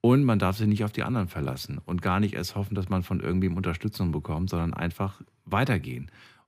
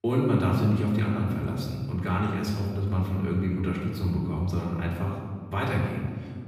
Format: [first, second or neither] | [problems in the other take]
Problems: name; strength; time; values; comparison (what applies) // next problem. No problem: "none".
first | off-mic speech; far // room echo; noticeable; dies away in 1.8 s